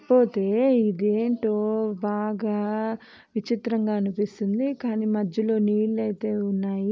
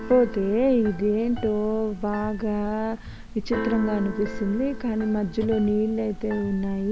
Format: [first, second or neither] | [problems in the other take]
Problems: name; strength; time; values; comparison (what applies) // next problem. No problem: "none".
first | background sound (Keyboard (musical)); 10 dB below the speech